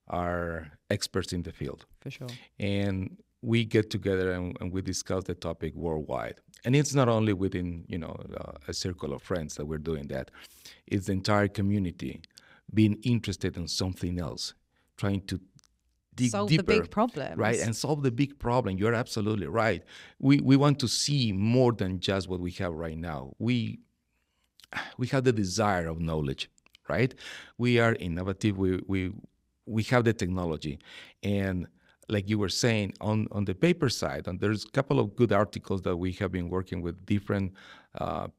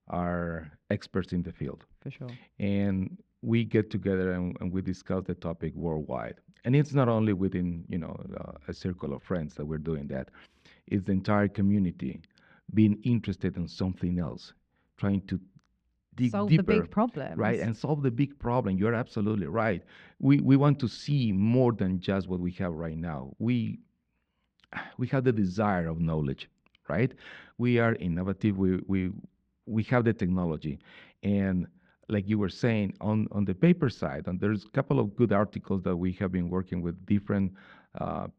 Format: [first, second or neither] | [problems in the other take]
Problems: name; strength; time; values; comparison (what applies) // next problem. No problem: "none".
first | muffled; slightly; fading above 2.5 kHz